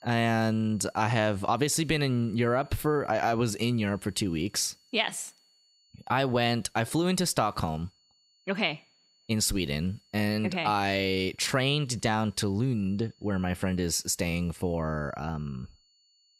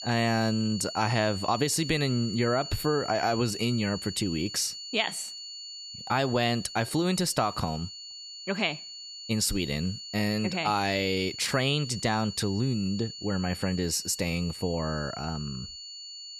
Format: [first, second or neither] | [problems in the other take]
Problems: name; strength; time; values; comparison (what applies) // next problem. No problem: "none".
first | high-pitched whine; loud; throughout; 4.5 kHz, 10 dB below the speech; faint in the first